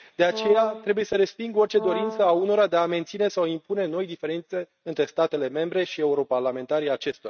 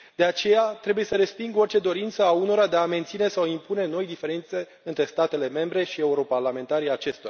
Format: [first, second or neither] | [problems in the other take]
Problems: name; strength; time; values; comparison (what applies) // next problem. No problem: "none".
second | noise reduction (neural mask model RNNoise)